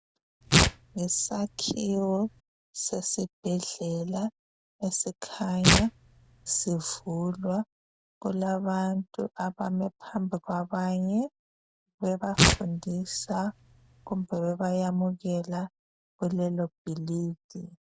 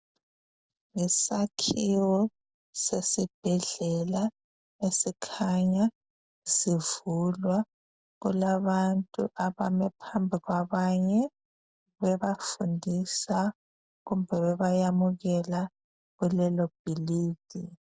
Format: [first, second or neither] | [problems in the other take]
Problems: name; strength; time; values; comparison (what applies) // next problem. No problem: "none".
second | background sound (Tearing); 2 dB above the speech